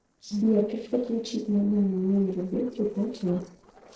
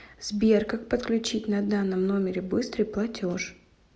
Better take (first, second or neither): second